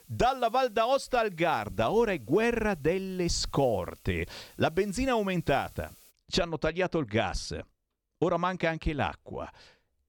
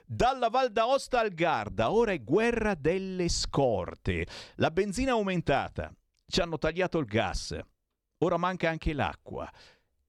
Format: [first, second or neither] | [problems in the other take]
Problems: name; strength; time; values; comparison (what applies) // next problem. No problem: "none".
second | hiss; faint; until 6 s; 25 dB below the speech